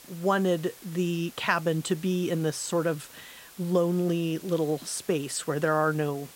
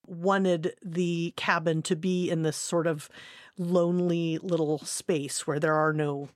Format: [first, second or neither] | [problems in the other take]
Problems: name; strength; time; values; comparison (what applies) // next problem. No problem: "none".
second | hiss; noticeable; throughout; 20 dB below the speech